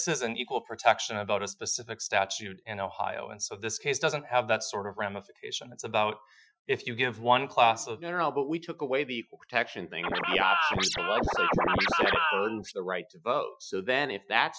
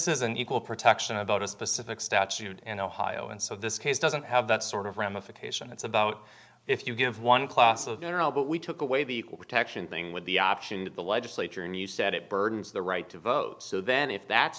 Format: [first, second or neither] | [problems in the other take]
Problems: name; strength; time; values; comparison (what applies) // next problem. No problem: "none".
second | noise reduction (classical method Wiener filter)